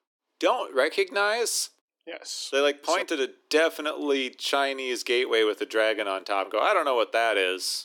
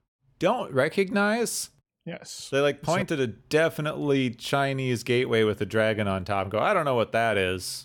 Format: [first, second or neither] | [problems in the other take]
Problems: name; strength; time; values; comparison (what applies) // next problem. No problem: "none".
second | thin; somewhat; fading below 300 Hz